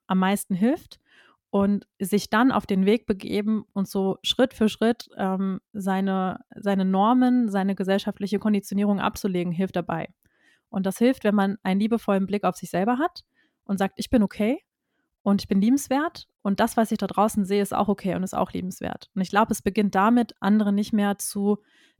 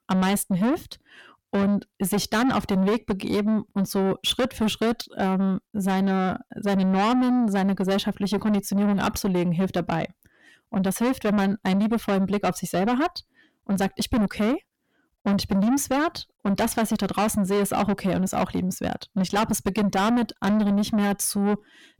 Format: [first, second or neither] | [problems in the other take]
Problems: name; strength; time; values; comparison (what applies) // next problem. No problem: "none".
first | distortion; heavy; 7 dB below the speech